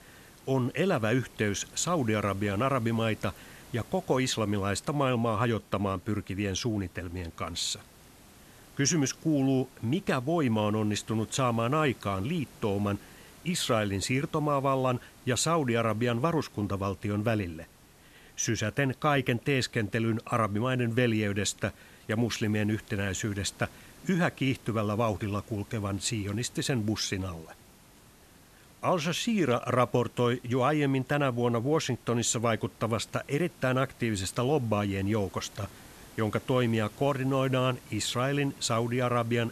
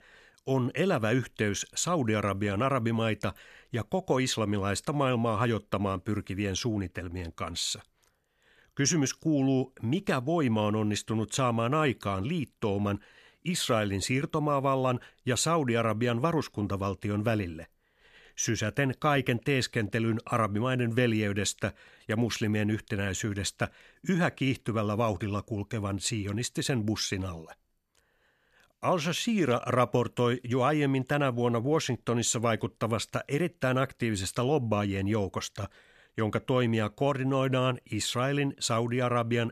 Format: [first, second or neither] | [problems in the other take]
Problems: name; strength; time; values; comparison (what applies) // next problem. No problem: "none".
second | hiss; faint; throughout; 25 dB below the speech